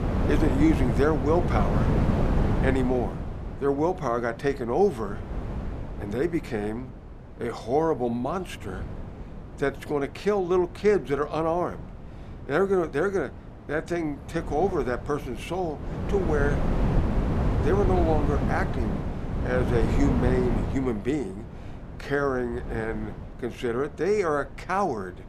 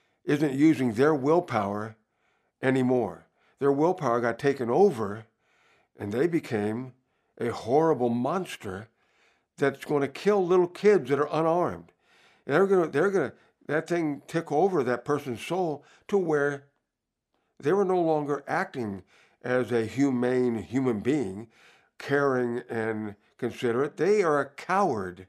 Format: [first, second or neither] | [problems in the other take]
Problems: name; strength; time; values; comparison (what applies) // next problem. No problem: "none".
second | wind noise on the microphone; heavy; 7 dB below the speech